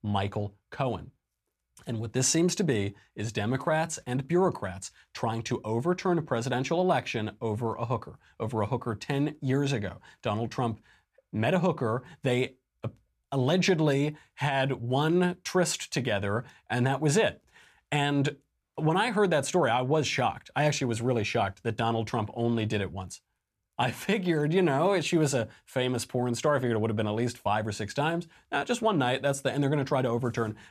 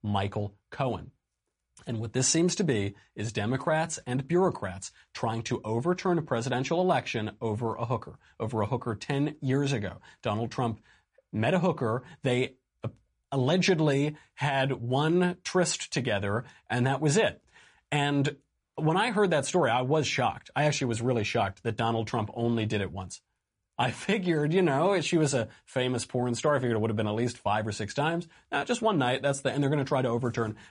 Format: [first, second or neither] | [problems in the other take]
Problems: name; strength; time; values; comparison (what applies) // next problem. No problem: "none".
first | garbled, watery; slightly; nothing above 9 kHz